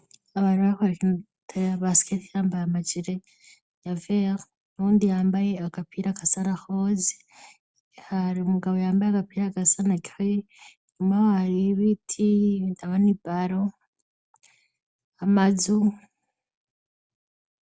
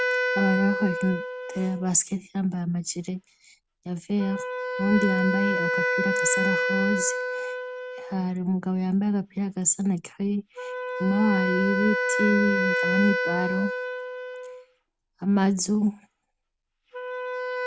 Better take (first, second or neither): first